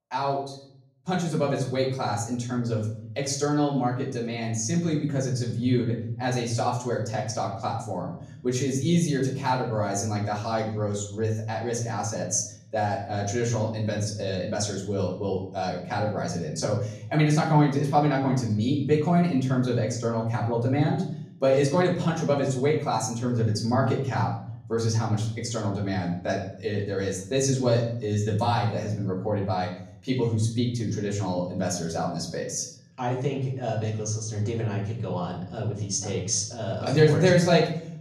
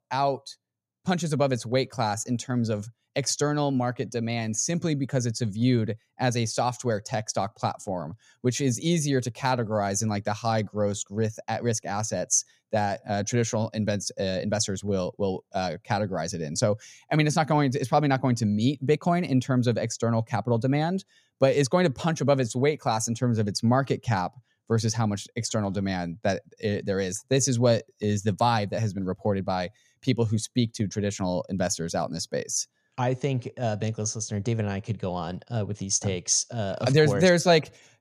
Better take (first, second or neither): second